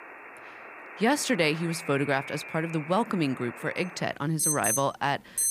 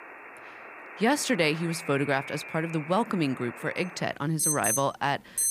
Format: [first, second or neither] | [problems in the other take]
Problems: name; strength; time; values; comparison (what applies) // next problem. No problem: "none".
neither | alarms or sirens; loud; throughout; 5 dB below the speech; the same in both